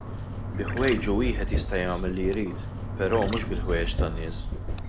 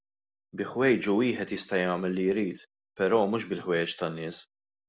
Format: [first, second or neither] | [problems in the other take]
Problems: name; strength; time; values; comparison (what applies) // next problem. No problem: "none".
second | background sound (Trickle, dribble / Chirp, tweet); as loud as the speech